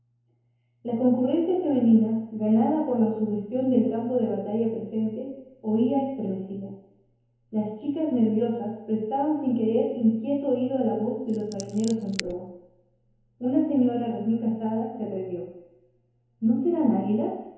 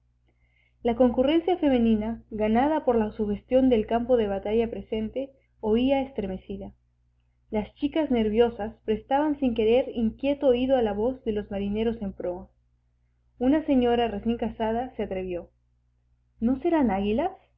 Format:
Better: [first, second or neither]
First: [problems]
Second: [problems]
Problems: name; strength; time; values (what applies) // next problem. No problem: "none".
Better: second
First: background sound (Scissors); 15 dB below the speech // room echo; dies away in 1 s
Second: none